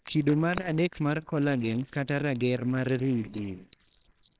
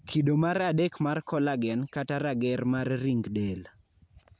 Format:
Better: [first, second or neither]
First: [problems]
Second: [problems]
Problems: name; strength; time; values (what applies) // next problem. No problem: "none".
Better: second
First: noise reduction (neural separator model SepFormer WHAMR!)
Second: none